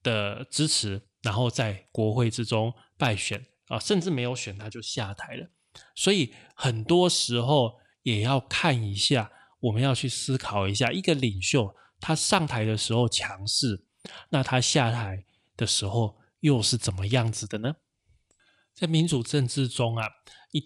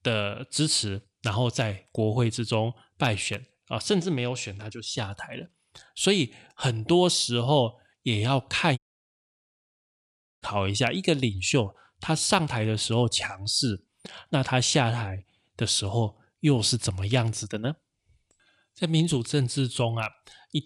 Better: first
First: none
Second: audio cutting out; at 9 s for 1.5 s

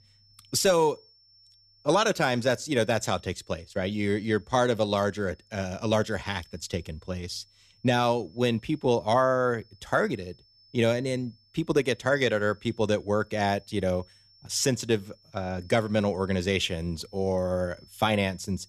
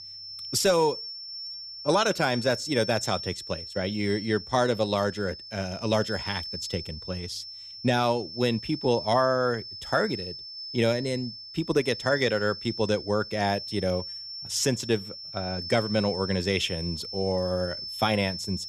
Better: first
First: high-pitched whine; faint; throughout; 5.5 kHz, 30 dB below the speech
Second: high-pitched whine; loud; throughout; 5.5 kHz, 9 dB below the speech

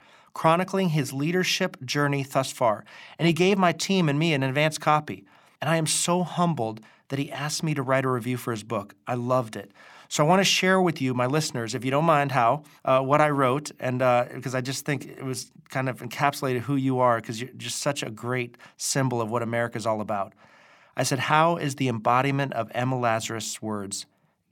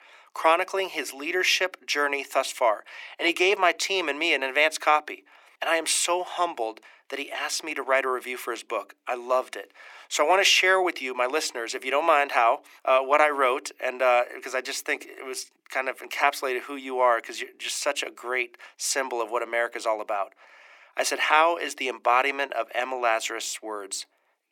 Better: first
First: none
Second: thin; very; fading below 350 Hz

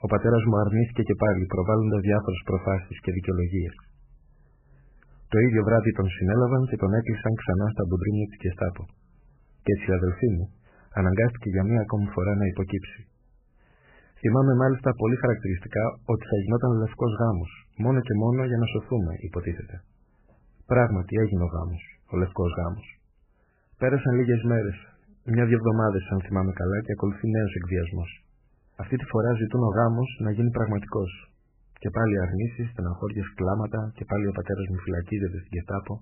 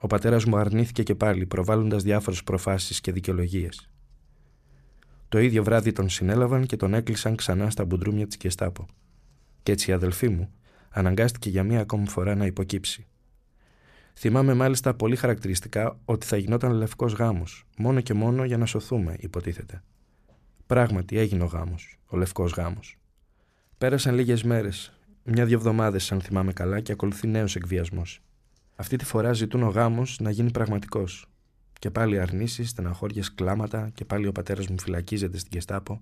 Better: second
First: garbled, watery; badly; nothing above 3 kHz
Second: none

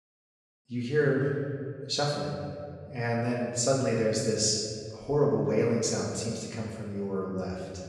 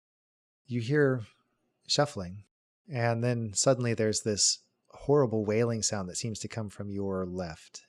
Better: second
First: off-mic speech; far // room echo; noticeable; dies away in 1.7 s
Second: none

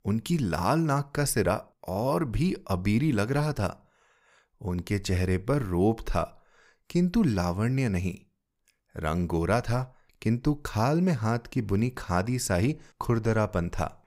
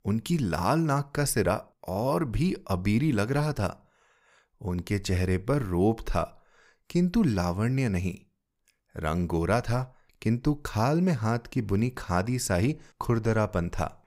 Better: neither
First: none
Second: none

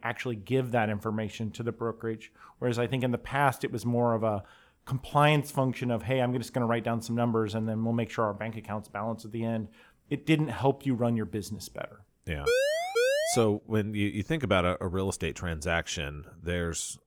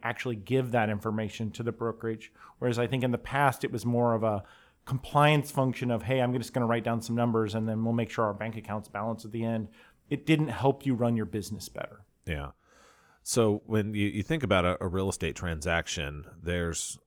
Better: second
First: siren; loud; at 12 s; peak 4 dB above the speech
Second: none

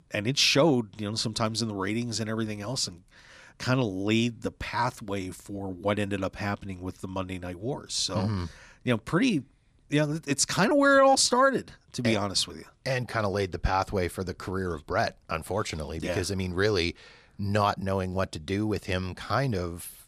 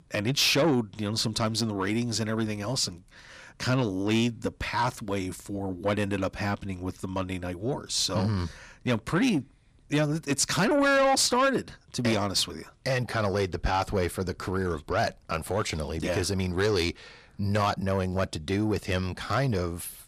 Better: first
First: none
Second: distortion; slight; 10 dB below the speech

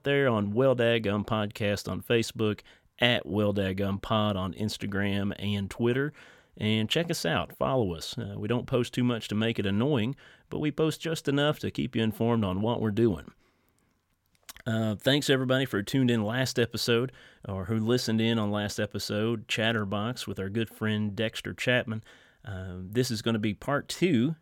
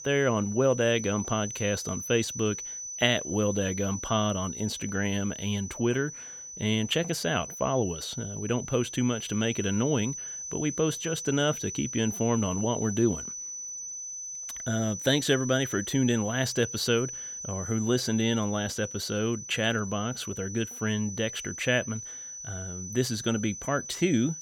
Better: first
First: none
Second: high-pitched whine; loud; throughout; 6 kHz, 8 dB below the speech

